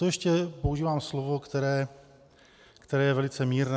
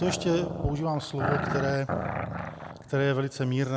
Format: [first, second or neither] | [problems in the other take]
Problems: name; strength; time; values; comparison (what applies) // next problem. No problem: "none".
first | background sound (Growling); 5 dB below the speech